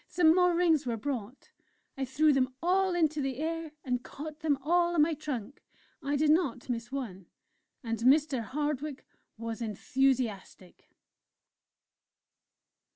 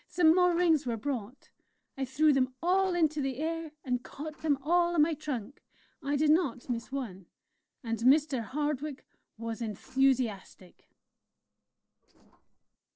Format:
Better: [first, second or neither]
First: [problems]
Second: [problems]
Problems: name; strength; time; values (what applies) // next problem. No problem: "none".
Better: first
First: none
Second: noise reduction (neural separator model SepFormer DNS4)